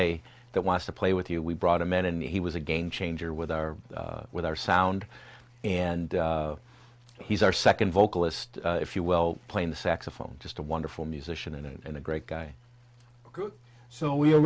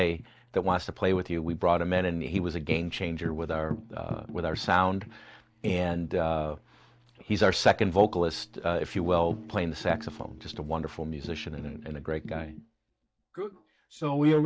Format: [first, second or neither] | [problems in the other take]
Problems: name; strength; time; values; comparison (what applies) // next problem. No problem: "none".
first | noise reduction (neural mask model DeepFilterNet 3)